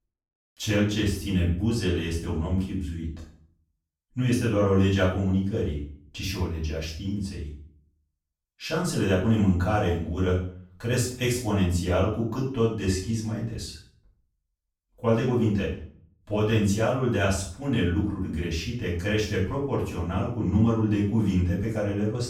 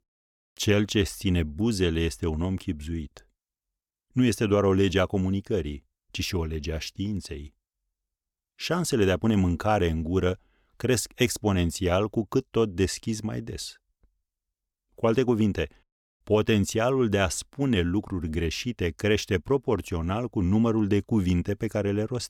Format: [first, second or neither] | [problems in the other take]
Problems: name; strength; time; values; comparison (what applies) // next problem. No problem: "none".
second | off-mic speech; far // room echo; noticeable; dies away in 0.5 s